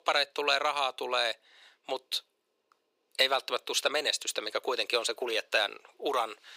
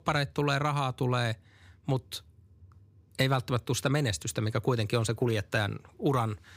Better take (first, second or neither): second